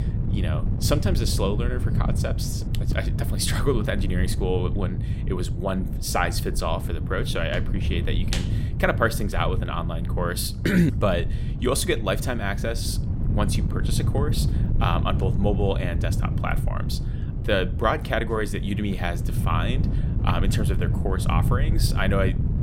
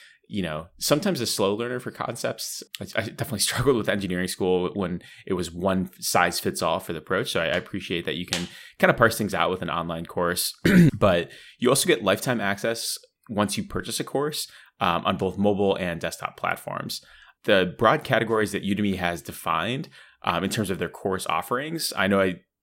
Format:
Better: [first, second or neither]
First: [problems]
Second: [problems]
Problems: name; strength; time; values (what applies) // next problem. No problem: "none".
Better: second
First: wind noise on the microphone; occasional gusts; 10 dB below the speech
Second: none